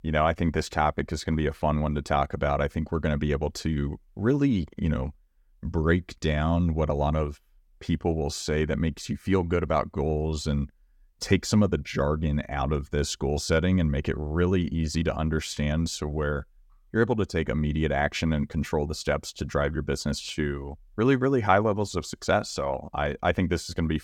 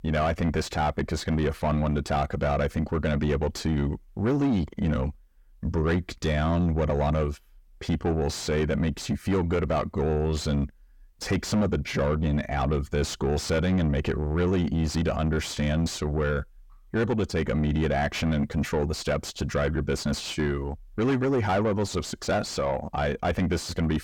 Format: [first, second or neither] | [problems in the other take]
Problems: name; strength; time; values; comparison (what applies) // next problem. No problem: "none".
first | distortion; heavy; 7 dB below the speech